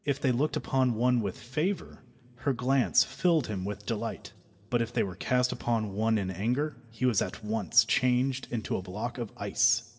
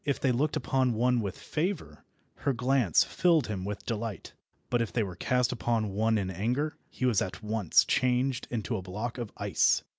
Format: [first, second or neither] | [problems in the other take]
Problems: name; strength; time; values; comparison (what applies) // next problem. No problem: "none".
second | room echo; dies away in 1.2 s